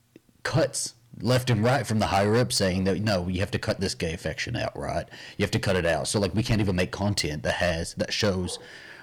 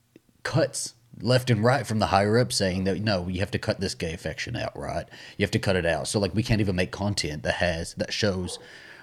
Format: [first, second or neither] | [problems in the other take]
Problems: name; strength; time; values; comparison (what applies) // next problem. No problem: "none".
second | distortion; slight; 4% of the sound clipped